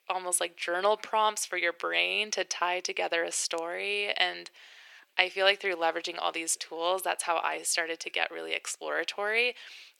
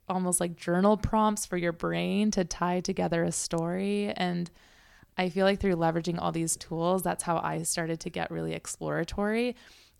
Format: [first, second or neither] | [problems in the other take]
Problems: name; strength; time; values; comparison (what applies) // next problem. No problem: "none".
second | thin; very; fading below 400 Hz